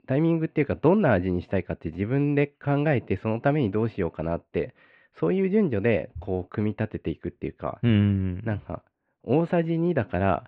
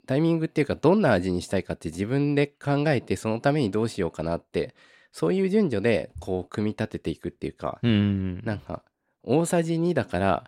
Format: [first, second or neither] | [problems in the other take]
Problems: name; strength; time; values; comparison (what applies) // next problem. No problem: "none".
second | muffled; very; fading above 2.5 kHz